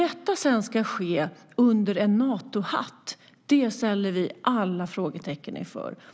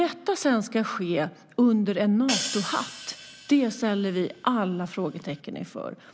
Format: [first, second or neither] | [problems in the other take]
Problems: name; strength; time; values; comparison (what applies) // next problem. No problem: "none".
first | background sound (Hi-hat); 11 dB below the speech